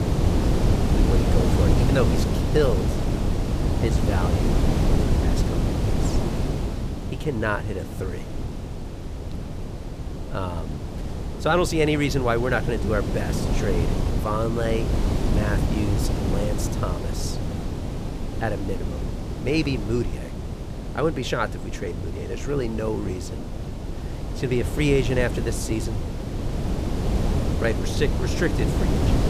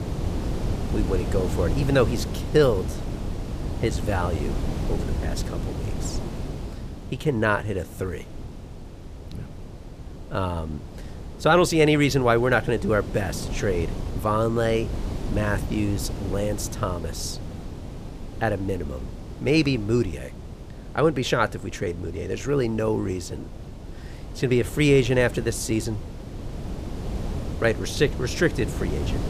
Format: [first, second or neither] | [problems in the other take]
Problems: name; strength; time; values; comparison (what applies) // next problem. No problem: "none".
second | wind noise on the microphone; heavy; 5 dB below the speech; occasional gusts in the second